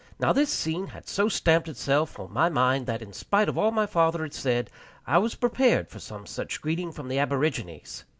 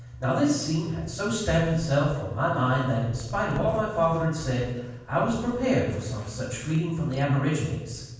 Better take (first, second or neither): first